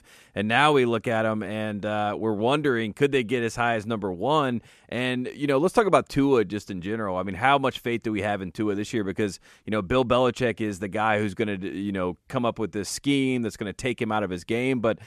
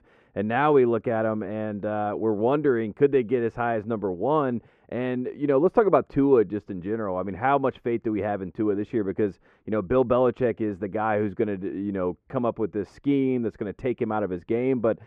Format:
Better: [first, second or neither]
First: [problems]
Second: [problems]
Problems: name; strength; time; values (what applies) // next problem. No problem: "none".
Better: first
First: none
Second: muffled; very; fading above 3.5 kHz